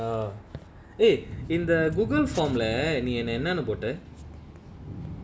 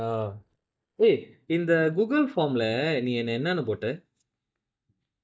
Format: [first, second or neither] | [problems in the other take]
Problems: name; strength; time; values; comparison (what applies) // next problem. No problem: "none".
first | noise reduction (neural mask model DeepFilterNet 3)